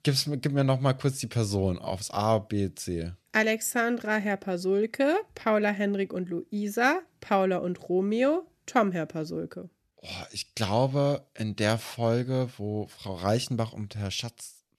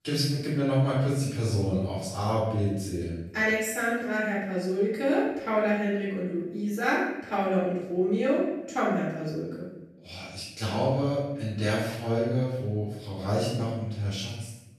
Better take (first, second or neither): first